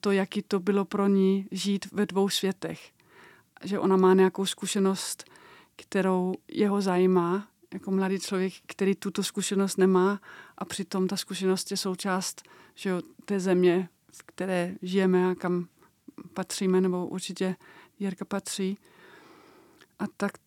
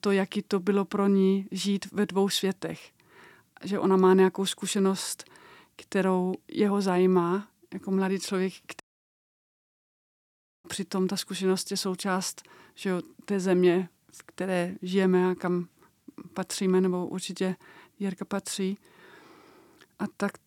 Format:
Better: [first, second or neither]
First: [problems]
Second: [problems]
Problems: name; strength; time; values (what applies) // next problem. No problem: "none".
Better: first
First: none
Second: audio cutting out; at 9 s for 2 s